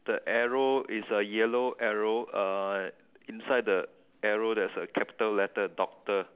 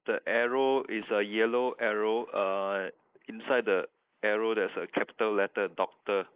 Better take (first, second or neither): first